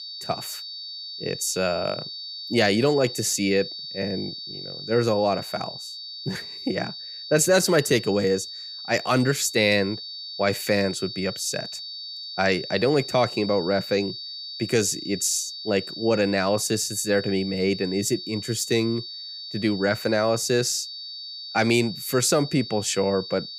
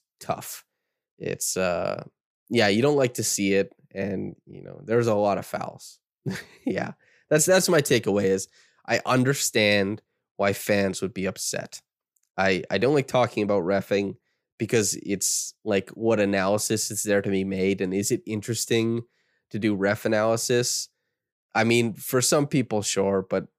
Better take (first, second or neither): second